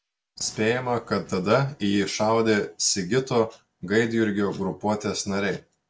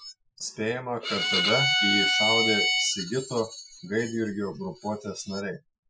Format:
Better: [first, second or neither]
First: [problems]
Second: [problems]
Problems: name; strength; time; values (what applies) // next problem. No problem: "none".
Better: first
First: none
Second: noise reduction (classical method Wiener filter)